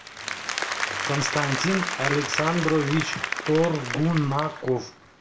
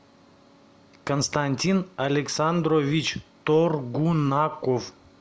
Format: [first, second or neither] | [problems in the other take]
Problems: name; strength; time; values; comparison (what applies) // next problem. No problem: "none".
second | background sound (Applause); 4 dB below the speech // room echo; dies away in 0.2 s